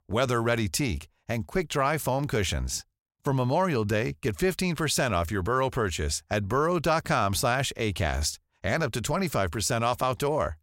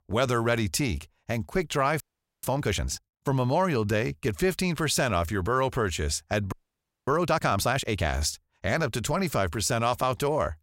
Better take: first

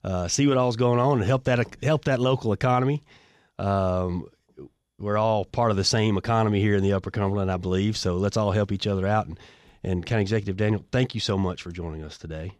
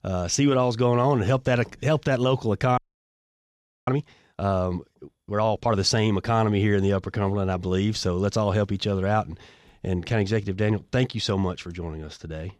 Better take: first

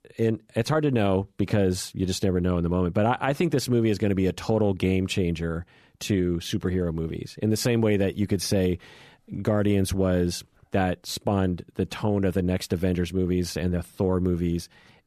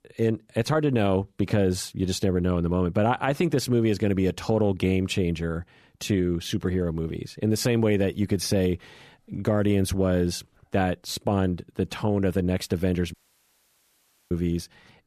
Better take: first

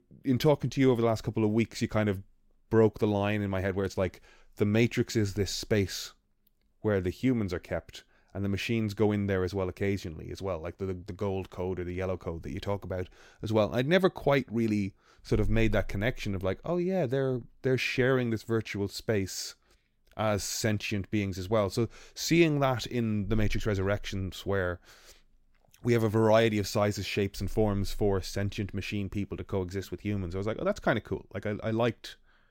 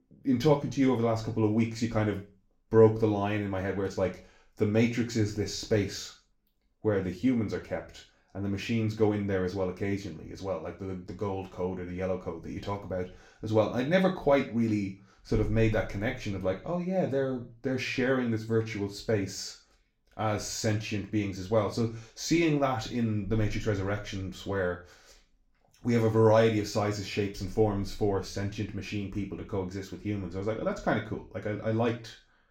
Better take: first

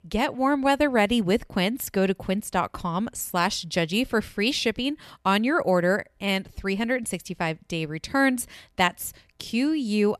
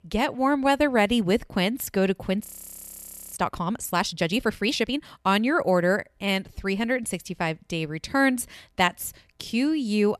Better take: first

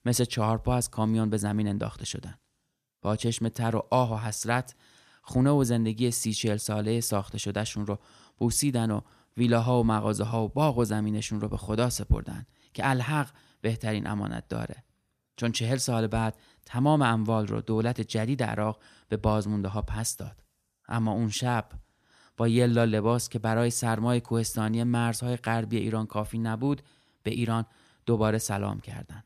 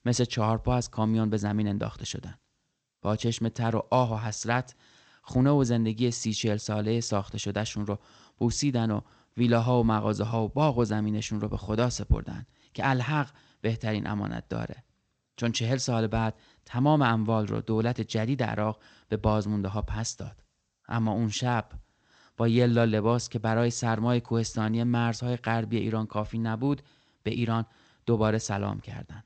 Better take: first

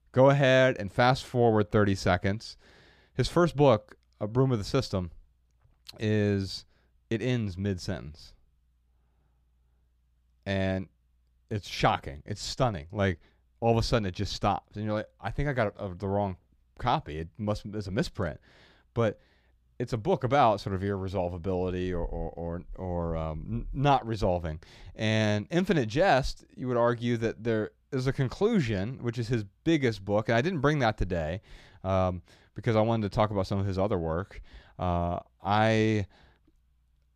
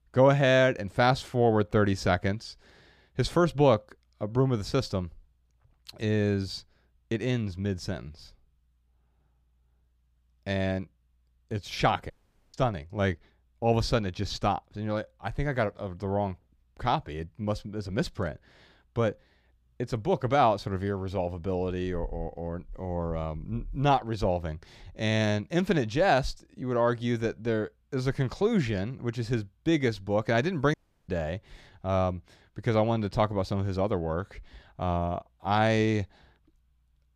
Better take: first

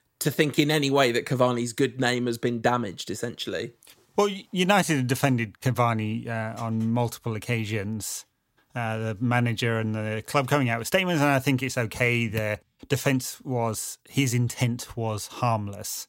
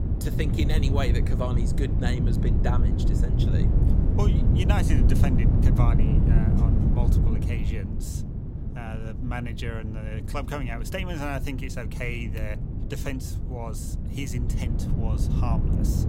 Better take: first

